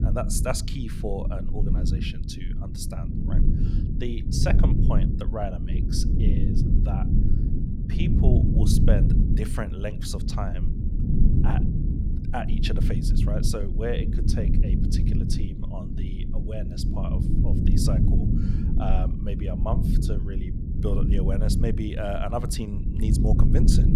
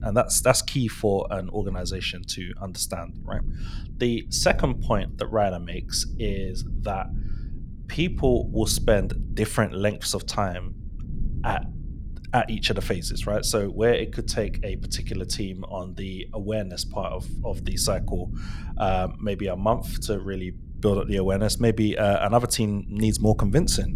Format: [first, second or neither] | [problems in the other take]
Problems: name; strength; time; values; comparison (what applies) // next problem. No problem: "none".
second | low rumble; loud; throughout; 2 dB below the speech; faint in the second